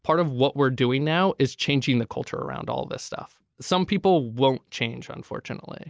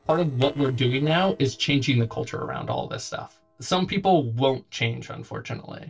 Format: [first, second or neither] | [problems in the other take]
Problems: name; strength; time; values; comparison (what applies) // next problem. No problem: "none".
first | noise reduction (neural separator model SepFormer DNS4)